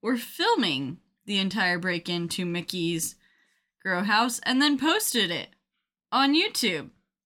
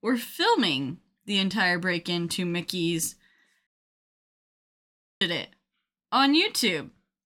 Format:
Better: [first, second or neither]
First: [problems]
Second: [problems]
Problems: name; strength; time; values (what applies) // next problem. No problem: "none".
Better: first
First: none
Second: audio cutting out; at 3.5 s for 1.5 s